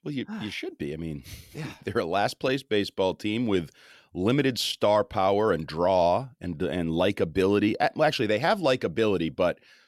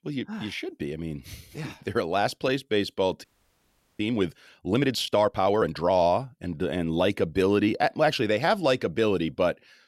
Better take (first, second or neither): first